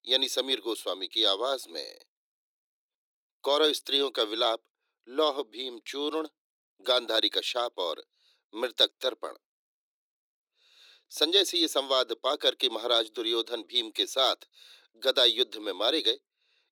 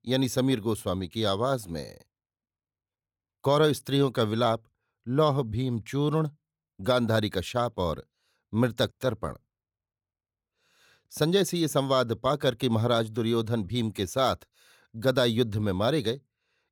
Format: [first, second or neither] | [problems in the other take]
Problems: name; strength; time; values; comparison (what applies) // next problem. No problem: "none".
second | thin; very; fading below 300 Hz